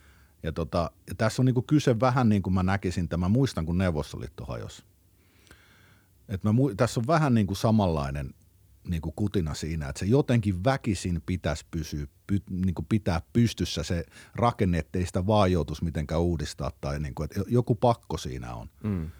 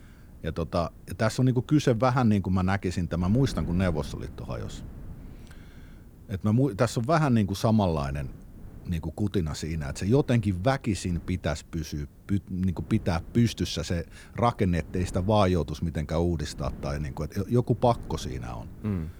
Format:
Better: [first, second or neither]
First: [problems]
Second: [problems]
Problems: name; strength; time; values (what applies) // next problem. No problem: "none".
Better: first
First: none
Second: wind noise on the microphone; occasional gusts; 25 dB below the speech